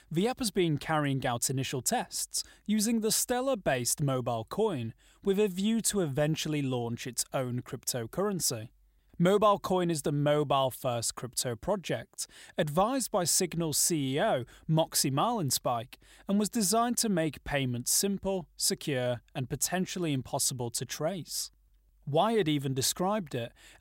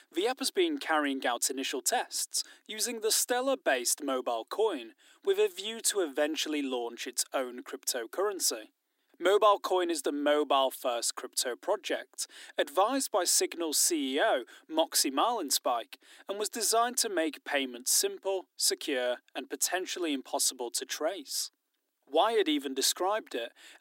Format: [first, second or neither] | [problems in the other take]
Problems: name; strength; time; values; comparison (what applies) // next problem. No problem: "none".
first | thin; somewhat; fading below 250 Hz